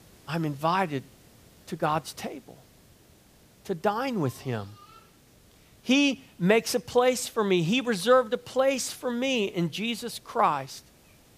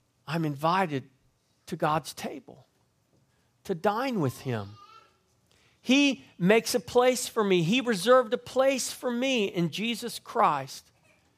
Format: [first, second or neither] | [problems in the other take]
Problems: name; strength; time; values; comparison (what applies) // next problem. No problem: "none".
second | hiss; faint; throughout; 30 dB below the speech